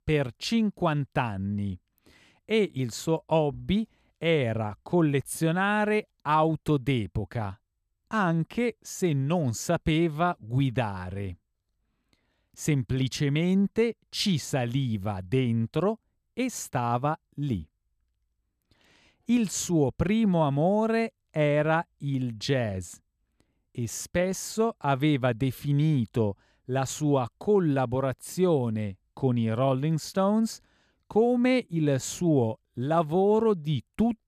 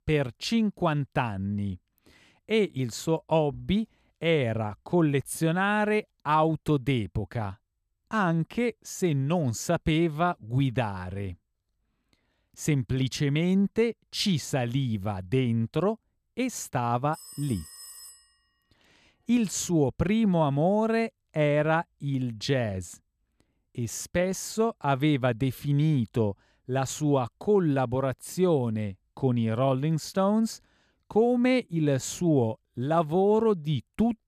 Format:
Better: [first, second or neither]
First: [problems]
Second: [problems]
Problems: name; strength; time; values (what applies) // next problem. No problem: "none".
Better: first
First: none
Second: phone ringing; faint; from 17 to 18 s; peak 15 dB below the speech